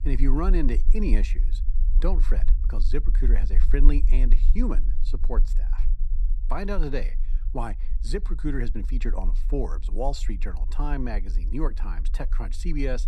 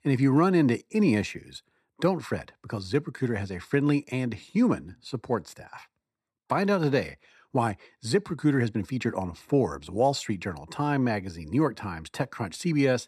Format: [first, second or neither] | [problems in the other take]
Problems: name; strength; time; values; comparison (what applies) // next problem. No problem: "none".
second | low rumble; noticeable; throughout; 15 dB below the speech